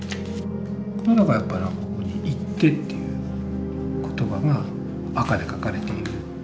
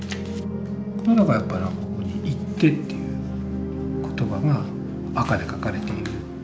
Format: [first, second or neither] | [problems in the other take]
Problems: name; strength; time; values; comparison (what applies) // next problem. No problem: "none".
second | background sound (Wind instrument, woodwind instrument); 20 dB below the speech